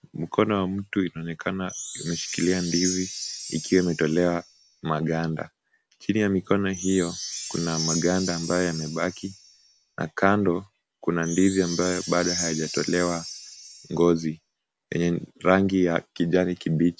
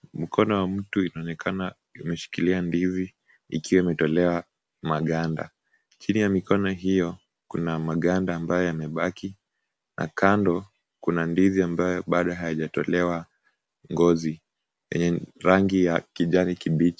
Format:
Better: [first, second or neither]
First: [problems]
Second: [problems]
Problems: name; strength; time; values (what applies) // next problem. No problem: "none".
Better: second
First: background sound (Chime); 10 dB below the speech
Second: none